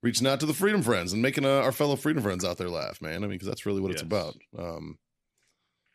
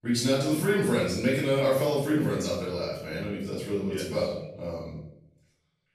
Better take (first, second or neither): first